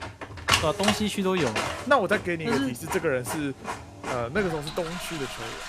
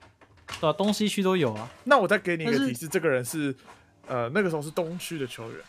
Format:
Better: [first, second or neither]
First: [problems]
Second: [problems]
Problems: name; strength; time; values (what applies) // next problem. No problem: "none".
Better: second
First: household noises; loud; throughout; 4 dB below the speech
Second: household noises; faint; throughout; 20 dB below the speech